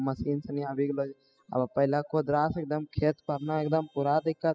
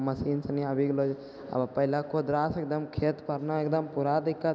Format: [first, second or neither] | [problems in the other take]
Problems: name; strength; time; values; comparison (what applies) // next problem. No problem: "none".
second | noise reduction (classical method spectral subtraction)